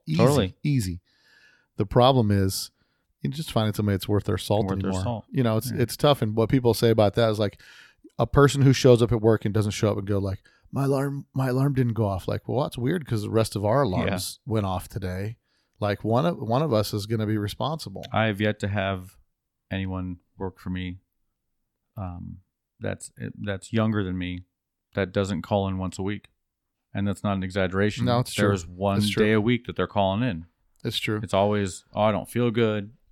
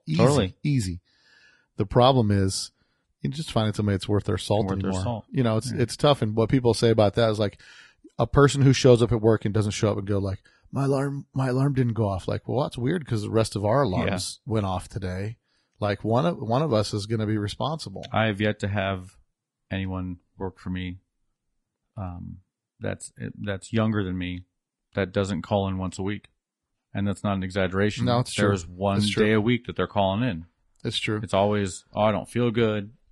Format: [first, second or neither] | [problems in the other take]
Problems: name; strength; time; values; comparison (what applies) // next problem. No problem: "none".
first | garbled, watery; slightly; nothing above 10.5 kHz